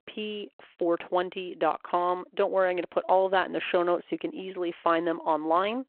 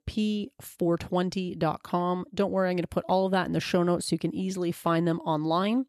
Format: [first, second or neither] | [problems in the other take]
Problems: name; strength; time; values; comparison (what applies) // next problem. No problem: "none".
second | phone-call audio